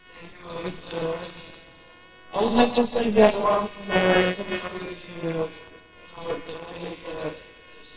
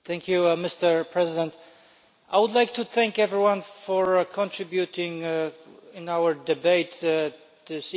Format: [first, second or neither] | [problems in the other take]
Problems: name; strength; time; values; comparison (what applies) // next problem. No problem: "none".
second | noise reduction (neural separator model SepFormer WHAMR!)